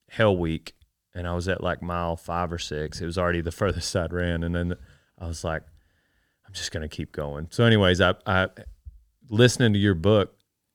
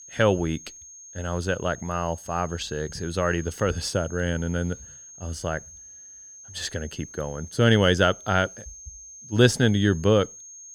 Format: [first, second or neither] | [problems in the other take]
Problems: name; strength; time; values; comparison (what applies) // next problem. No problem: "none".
first | high-pitched whine; noticeable; throughout; 6.5 kHz, 15 dB below the speech